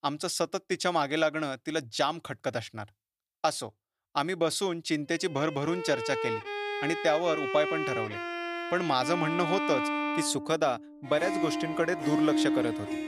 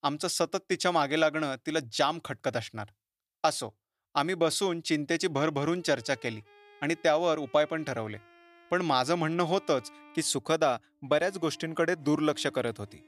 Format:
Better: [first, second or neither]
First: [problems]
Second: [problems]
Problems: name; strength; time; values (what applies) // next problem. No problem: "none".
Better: second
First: background music; loud; from 6 s on; 2 dB below the speech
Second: background music; faint; from 6 s on; 25 dB below the speech